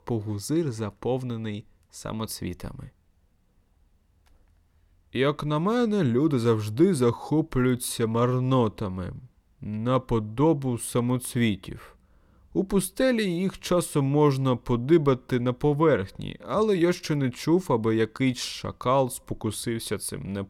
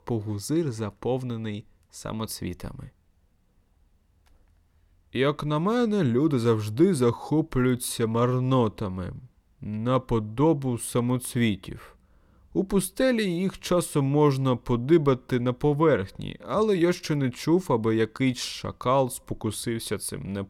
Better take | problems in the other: neither | none

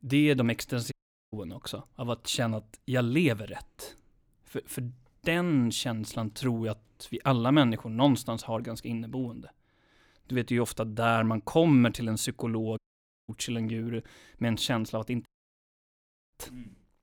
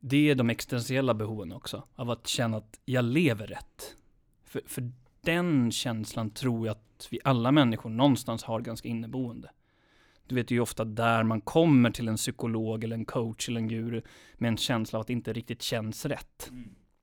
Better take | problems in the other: second | audio cutting out; at 1 s, at 13 s for 0.5 s and at 15 s for 1 s

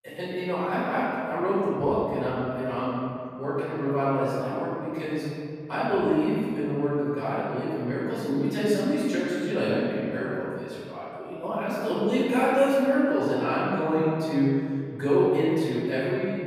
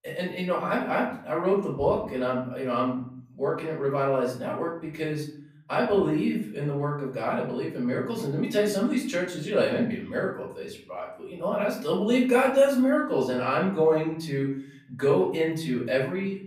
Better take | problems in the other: second | room echo; strong; dies away in 2.4 s; slight in the second // off-mic speech; far; far in the second

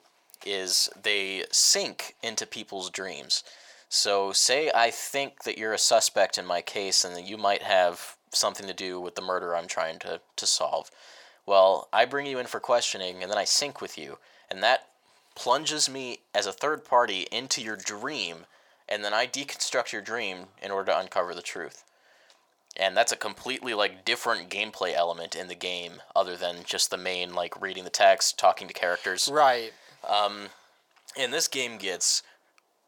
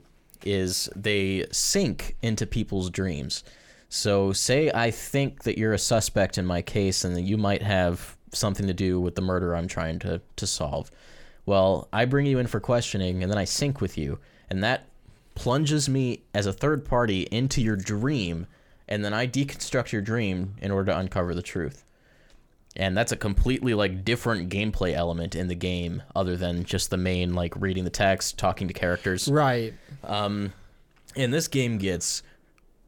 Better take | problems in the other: second | thin; very; fading below 600 Hz

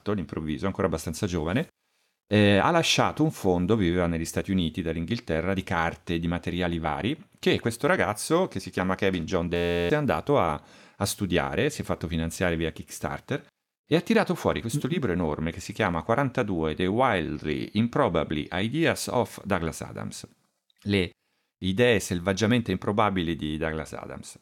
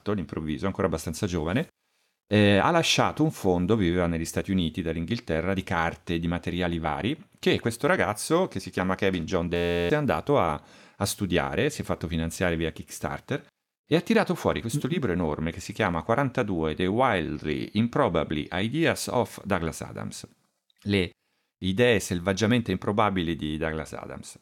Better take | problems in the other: neither | audio freezing; at 9.5 s; the same in both

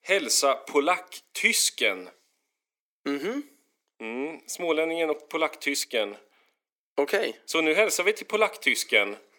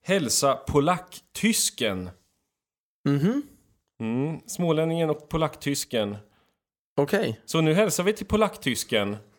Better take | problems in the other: second | thin; somewhat; fading below 300 Hz

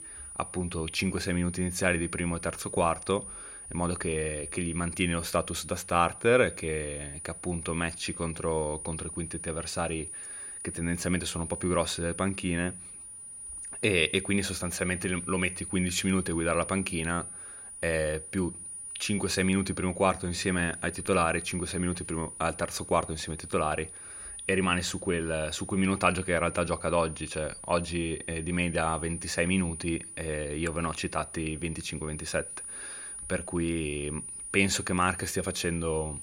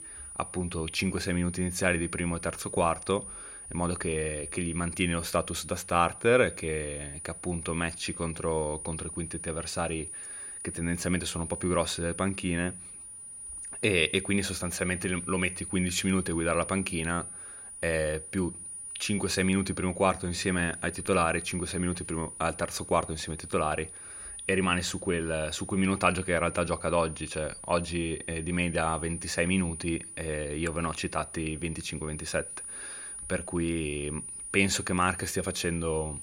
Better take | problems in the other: neither | high-pitched whine; loud; throughout; 9.5 kHz, 9 dB below the speech; the same in both

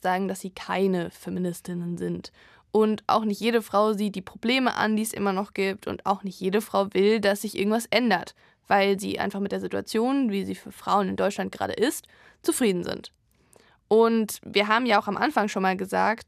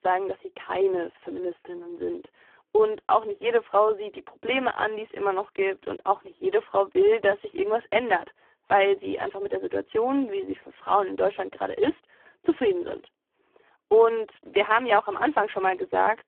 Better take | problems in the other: first | phone-call audio; poor line

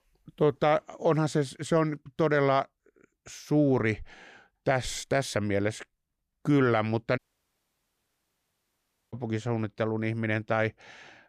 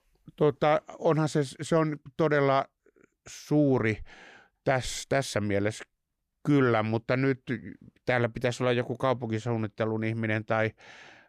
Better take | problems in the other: second | audio cutting out; at 7 s for 2 s

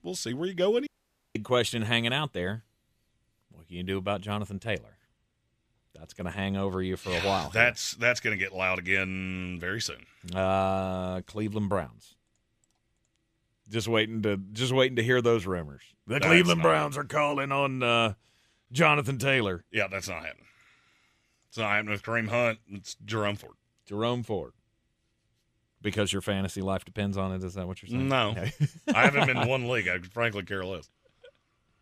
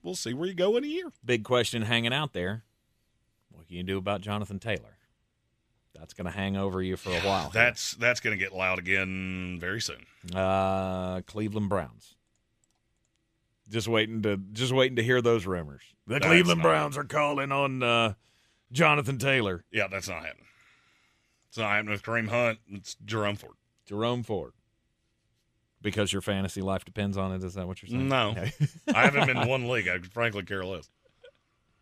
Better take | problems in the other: second | audio cutting out; at 1 s

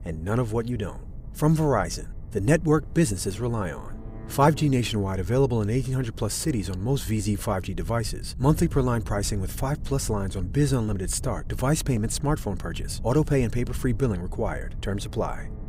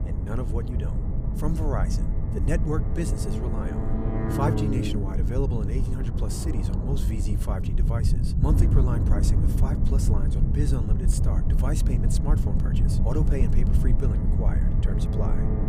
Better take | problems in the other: first | low rumble; loud; throughout; 1 dB below the speech; faint in the first

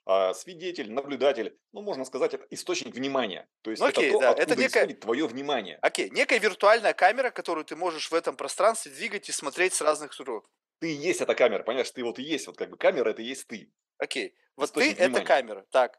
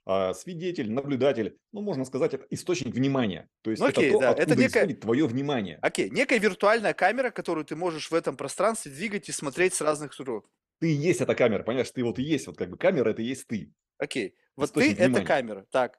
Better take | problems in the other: second | thin; somewhat; fading below 400 Hz

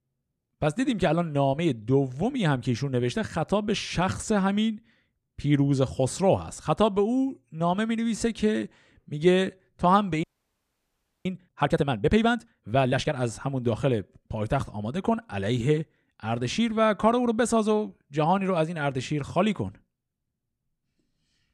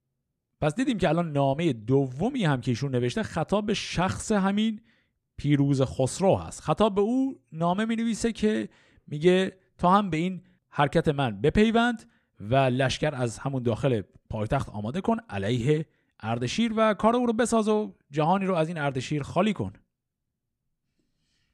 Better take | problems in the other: second | audio freezing; at 10 s for 1 s

